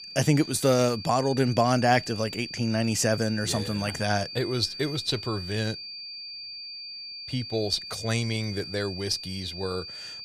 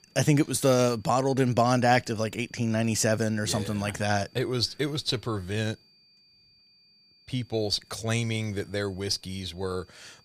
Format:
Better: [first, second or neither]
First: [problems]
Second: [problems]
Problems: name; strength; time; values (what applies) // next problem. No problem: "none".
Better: second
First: high-pitched whine; loud; throughout; 4.5 kHz, 10 dB below the speech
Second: high-pitched whine; faint; throughout; 4.5 kHz, 30 dB below the speech